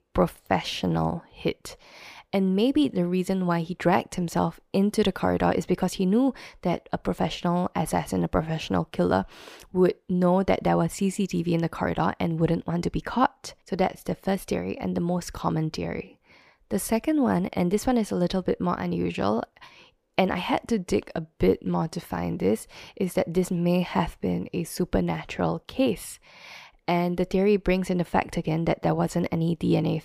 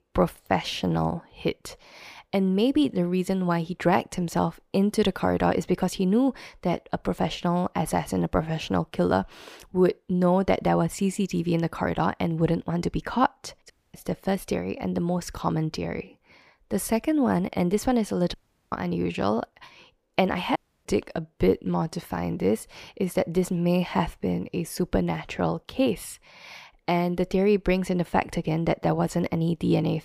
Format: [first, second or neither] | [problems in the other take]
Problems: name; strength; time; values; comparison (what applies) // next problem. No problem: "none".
first | audio cutting out; at 14 s, at 18 s and at 21 s